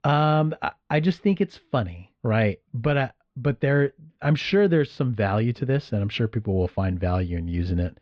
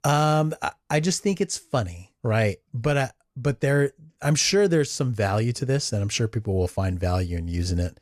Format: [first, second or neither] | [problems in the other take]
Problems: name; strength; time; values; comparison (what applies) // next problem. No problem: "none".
second | muffled; very; fading above 3.5 kHz